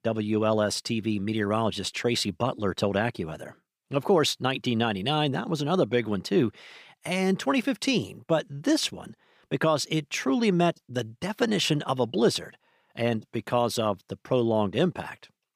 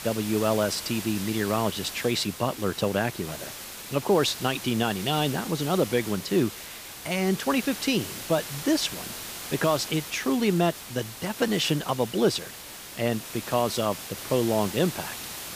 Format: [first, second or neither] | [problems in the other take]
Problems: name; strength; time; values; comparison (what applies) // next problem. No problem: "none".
first | hiss; loud; throughout; 9 dB below the speech